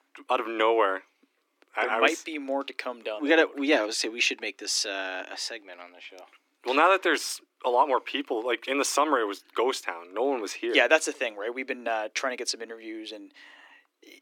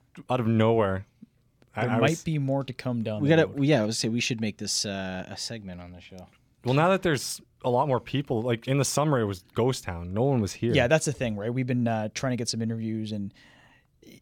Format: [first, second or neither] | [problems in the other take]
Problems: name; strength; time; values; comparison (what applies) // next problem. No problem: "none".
second | thin; somewhat; fading below 300 Hz